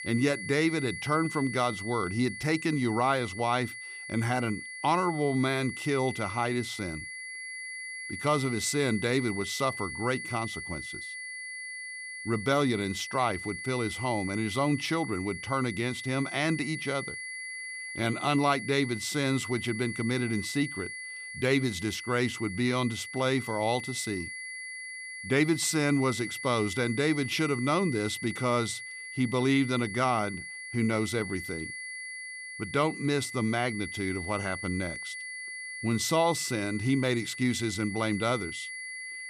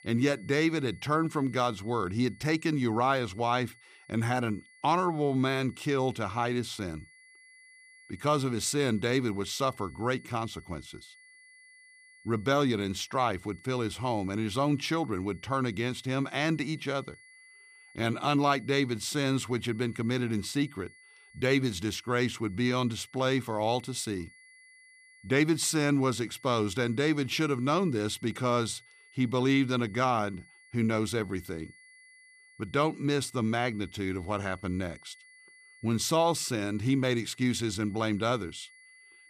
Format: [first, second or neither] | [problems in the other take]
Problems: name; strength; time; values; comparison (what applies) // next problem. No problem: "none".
second | high-pitched whine; loud; throughout; 2 kHz, 8 dB below the speech; faint in the second